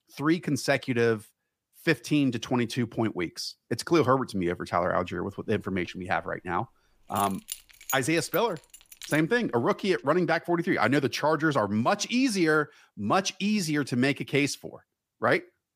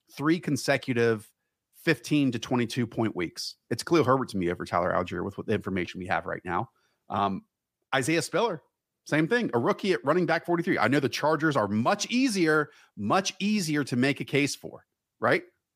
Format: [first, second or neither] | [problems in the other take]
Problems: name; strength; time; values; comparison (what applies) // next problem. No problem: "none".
second | jangling keys; noticeable; from 7 to 9 s; peak 10 dB below the speech